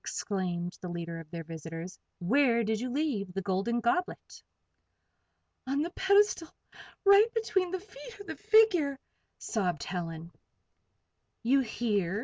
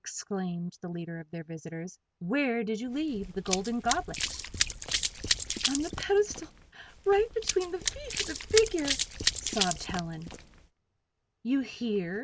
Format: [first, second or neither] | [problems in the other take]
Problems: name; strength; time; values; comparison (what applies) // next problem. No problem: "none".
first | background sound (Run); 2 dB below the speech